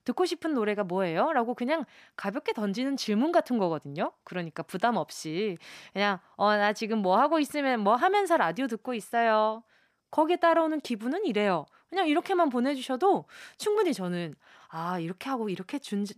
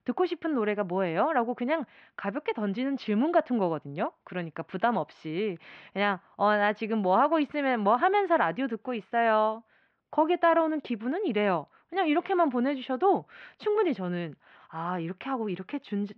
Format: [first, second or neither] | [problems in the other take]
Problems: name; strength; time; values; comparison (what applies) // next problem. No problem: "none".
first | muffled; slightly; fading above 3 kHz